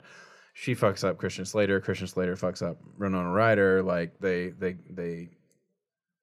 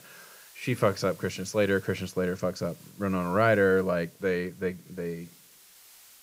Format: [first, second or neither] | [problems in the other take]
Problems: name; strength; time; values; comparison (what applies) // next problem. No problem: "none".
first | hiss; faint; throughout; 25 dB below the speech